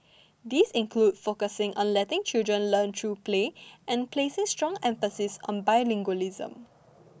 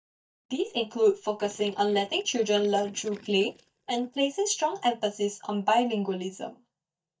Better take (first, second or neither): first